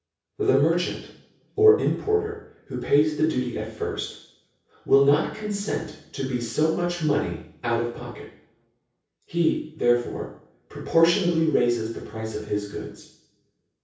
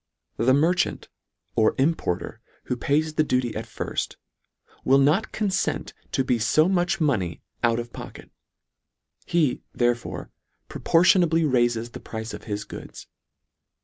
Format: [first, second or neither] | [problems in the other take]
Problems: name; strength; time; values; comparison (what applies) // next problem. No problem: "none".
second | room echo; dies away in 0.6 s